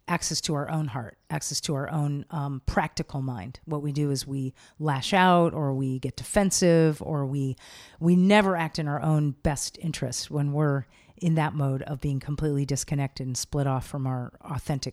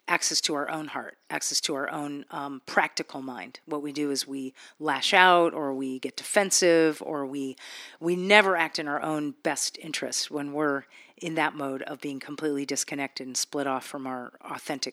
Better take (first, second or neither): first